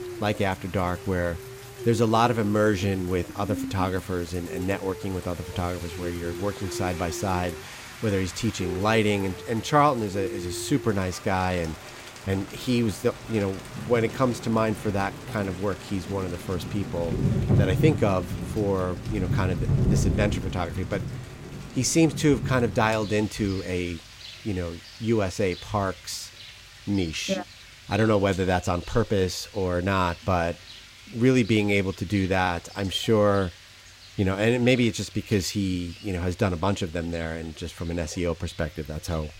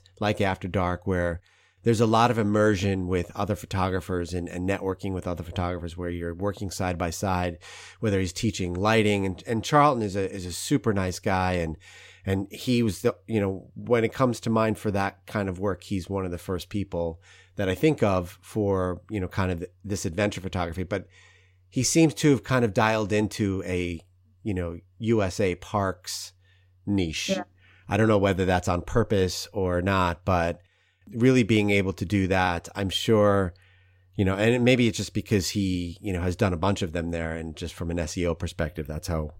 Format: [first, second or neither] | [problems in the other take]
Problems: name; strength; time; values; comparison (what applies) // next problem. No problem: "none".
second | rain or running water; loud; throughout; 8 dB below the speech